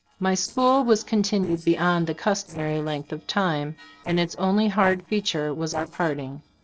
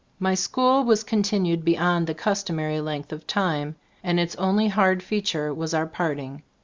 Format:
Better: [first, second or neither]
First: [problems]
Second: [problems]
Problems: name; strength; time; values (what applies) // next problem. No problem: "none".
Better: second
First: noise reduction (neural separator model SepFormer DNS4)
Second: none